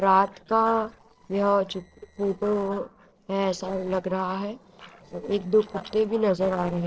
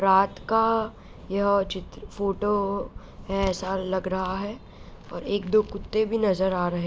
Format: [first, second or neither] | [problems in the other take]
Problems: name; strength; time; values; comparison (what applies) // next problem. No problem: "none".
second | noise reduction (neural separator model SepFormer DNS4)